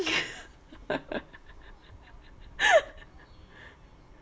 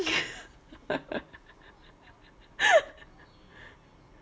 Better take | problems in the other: second | background sound (Wind); 20 dB below the speech

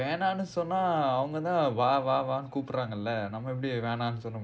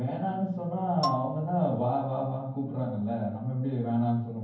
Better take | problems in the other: first | background sound (Marimba, xylophone); 9 dB below the speech // room echo; dies away in 0.9 s

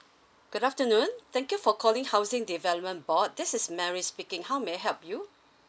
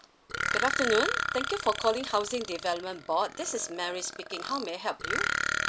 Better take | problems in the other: first | background sound (Burping, eructation); 2 dB below the speech

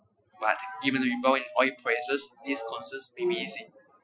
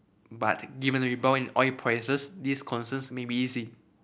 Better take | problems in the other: second | noise reduction (classical method Wiener filter)

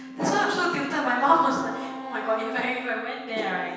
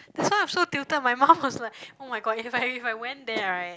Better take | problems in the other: second | background sound (Wind instrument, woodwind instrument); 12 dB below the speech // room echo; dies away in 1.2 s

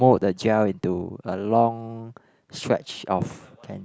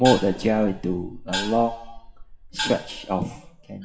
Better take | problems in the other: first | noise reduction (classical method WPE with log-MMSE)

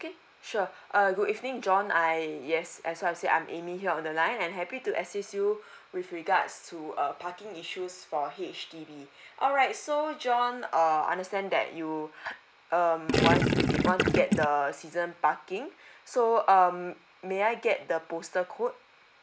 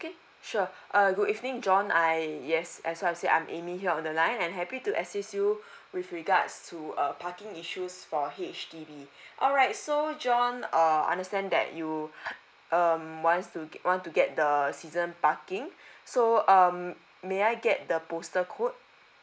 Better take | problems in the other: second | background sound (Gurgling); 4 dB above the speech

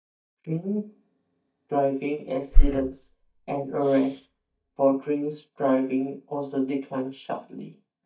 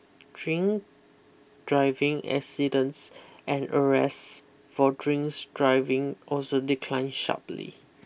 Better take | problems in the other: second | noise reduction (neural mask model DeepFilterNet 3)

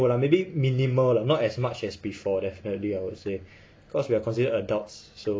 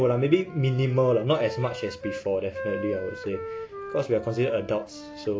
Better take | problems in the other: first | background sound (Wind instrument, woodwind instrument); 12 dB below the speech

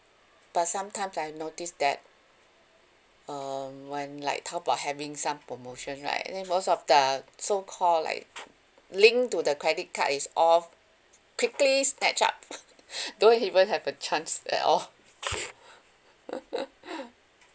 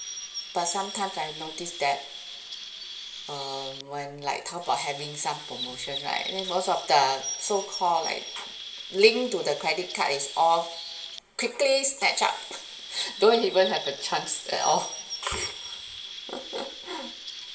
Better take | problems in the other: first | background sound (Chirp, tweet); 10 dB below the speech // room echo; dies away in 1.5 s

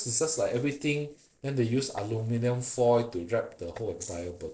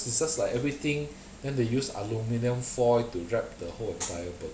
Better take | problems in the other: second | noise reduction (neural separator model SepFormer DNS4)

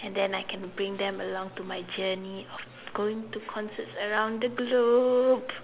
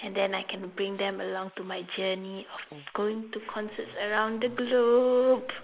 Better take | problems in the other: first | noise reduction (neural mask model Resemble Enhance denoiser)

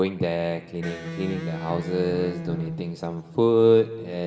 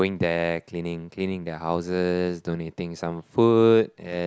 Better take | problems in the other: second | background sound (Electric guitar); 10 dB below the speech // room echo; dies away in 1.9 s

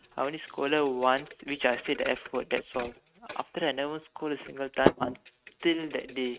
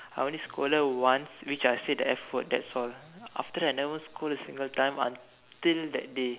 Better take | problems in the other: second | noise reduction (neural mask model RNNoise)

